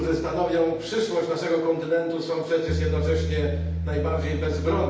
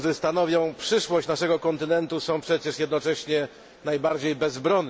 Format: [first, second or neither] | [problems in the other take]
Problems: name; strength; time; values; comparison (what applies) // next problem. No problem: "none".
second | background sound (Bass guitar); 5 dB below the speech // room echo; dies away in 0.9 s